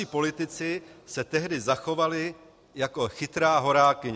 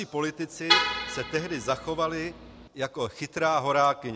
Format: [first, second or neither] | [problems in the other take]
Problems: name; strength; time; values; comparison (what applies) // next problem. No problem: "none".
first | background sound (Vehicle horn, car horn, honking); 1 dB below the speech